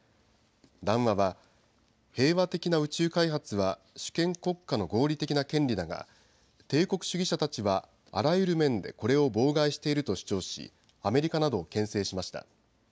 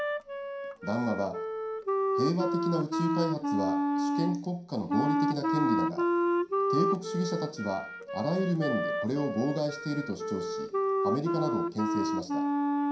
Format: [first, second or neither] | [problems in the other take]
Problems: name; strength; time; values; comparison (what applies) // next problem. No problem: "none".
first | background sound (Wind instrument, woodwind instrument); 2 dB above the speech // room echo; dies away in 0.5 s